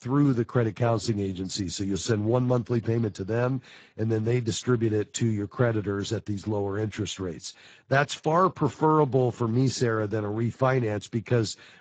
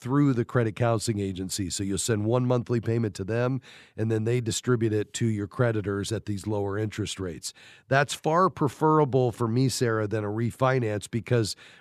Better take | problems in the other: second | garbled, watery; badly; nothing above 7.5 kHz

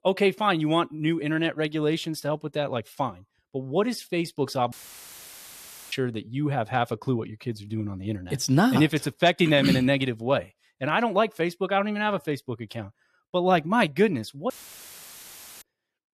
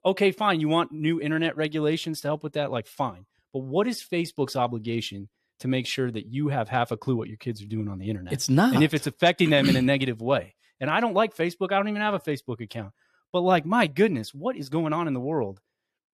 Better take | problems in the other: second | audio cutting out; filled with static; at 4.5 s for 1 s and at 15 s for 1 s

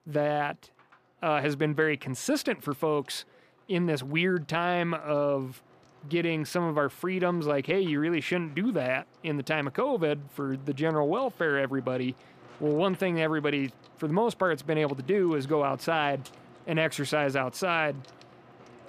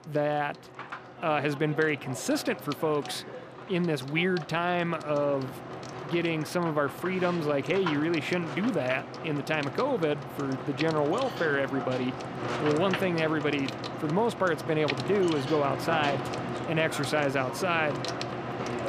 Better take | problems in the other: first | household noises; loud; throughout; 8 dB below the speech; faint in the first

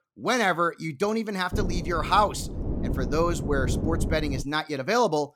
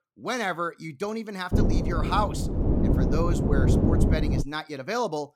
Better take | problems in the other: first | wind noise on the microphone; heavy; from 1.5 to 4.5 s; 2 dB below the speech; occasional gusts in the first

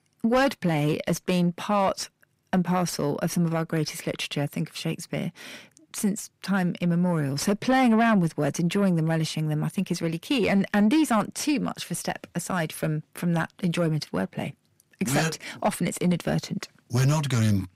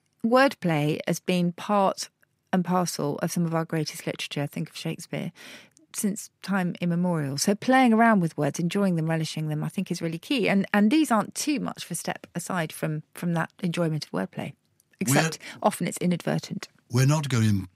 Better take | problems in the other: second | distortion; slight; 10 dB below the speech

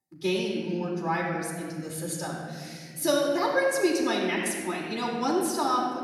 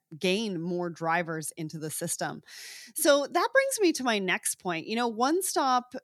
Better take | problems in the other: second | room echo; noticeable; dies away in 2.4 s // off-mic speech; far

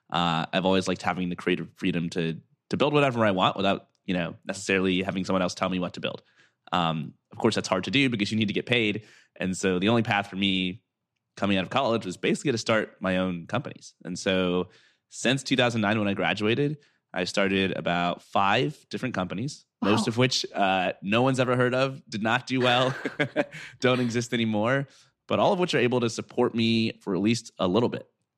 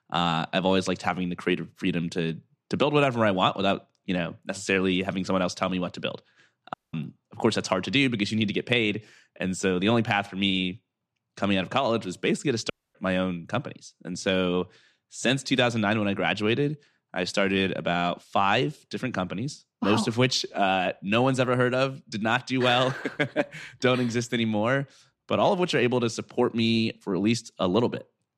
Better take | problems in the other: first | audio cutting out; at 6.5 s and at 13 s

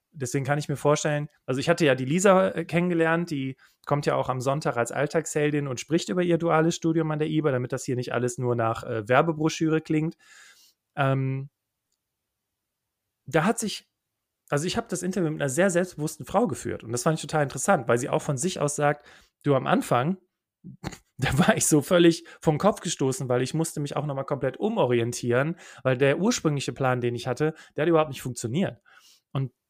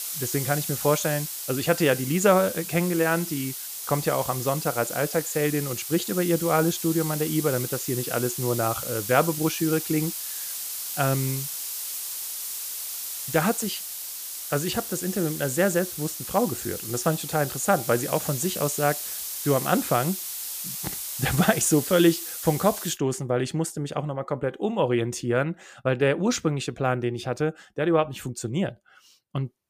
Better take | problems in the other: first | hiss; loud; until 23 s; 5 dB below the speech

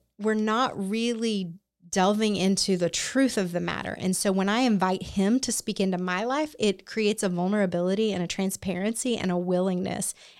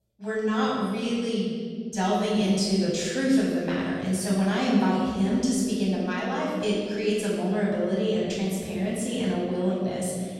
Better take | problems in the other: first | room echo; strong; dies away in 2 s // off-mic speech; far

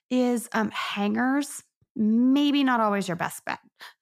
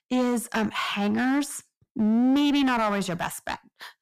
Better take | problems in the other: first | distortion; slight; 12% of the sound clipped

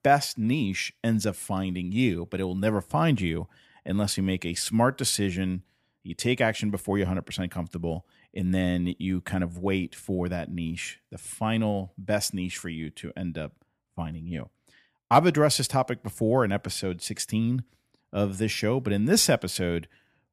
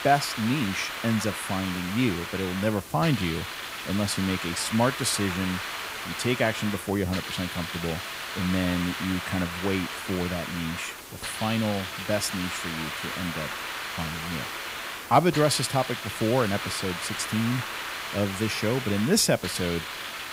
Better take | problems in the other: first | hiss; loud; throughout; 5 dB below the speech

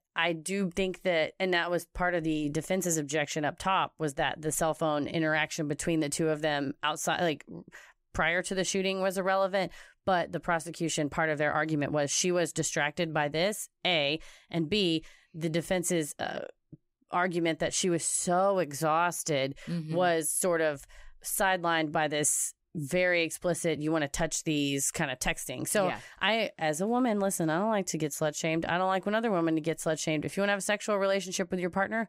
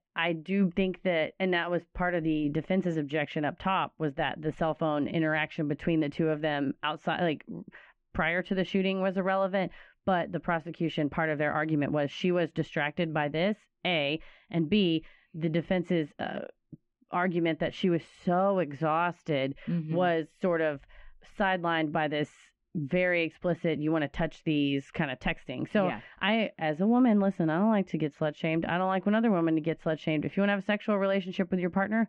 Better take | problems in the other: first | muffled; very; fading above 3 kHz

